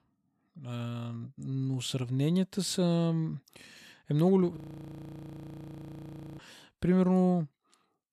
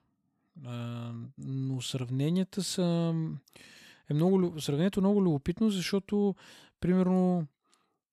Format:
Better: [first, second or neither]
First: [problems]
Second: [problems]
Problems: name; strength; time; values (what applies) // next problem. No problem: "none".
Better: second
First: audio freezing; at 4.5 s for 2 s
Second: none